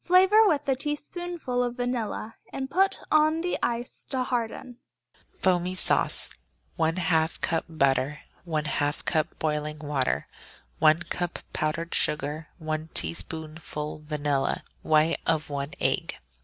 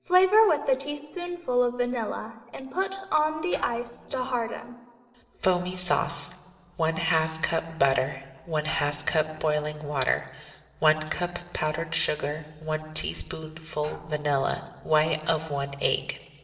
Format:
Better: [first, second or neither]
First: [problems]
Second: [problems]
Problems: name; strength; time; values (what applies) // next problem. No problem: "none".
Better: first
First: none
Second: noise reduction (neural separator model SepFormer DNS4)